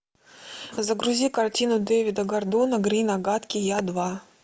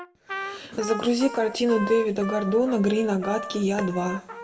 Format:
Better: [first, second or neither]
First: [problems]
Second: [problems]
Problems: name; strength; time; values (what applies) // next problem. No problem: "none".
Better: first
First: none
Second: background sound (Trumpet); 11 dB below the speech // room echo; dies away in 0.9 s